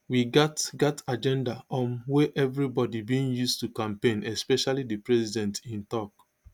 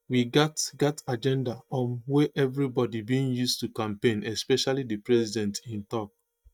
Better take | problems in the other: first | noise reduction (neural mask model DeepFilterNet 3)

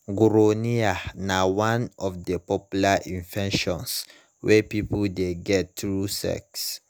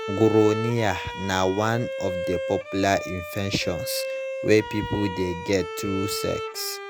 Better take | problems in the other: first | background sound (Bowed string instrument); 7 dB below the speech

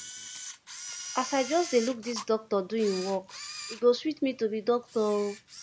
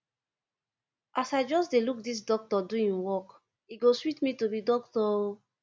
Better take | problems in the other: second | background sound (Camera); 13 dB below the speech

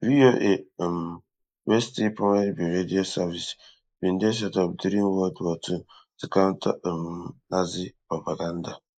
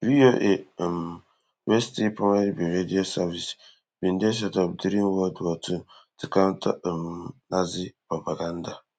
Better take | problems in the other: second | noise reduction (neural mask model Resemble Enhance denoiser)

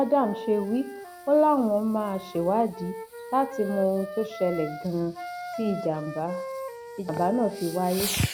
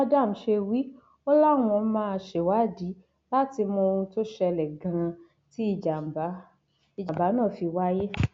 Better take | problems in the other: second | background sound (Wind instrument, woodwind instrument + Fireworks); 10 dB below the speech

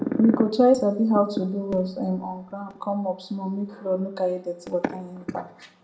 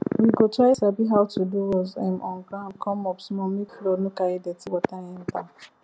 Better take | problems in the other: second | room echo; dies away in 0.7 s

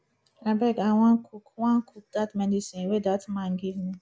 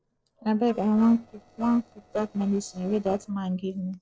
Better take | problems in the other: first | noise reduction (neural separator model SepFormer DNS4)

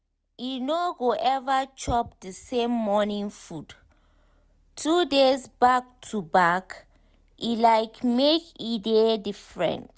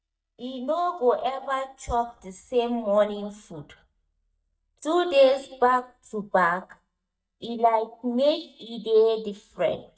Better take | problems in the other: first | noise reduction (neural mask model DeepFilterNet 3)

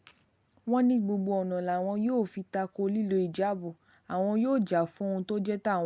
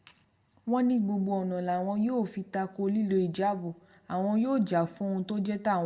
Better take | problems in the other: first | room echo; dies away in 0.4 s

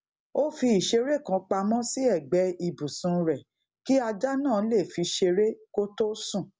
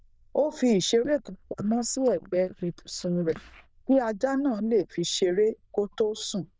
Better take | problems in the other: first | noise reduction (neural diffusion model UNIVERSE++)

